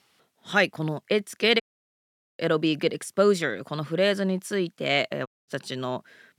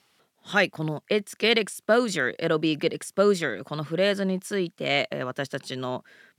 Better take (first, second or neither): second